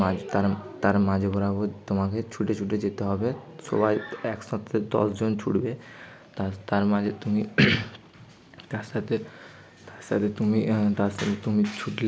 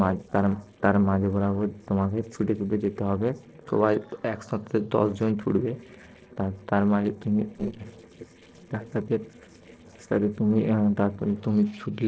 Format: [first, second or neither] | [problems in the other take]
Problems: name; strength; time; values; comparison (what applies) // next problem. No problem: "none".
first | noise reduction (neural separator model SepFormer DNS4)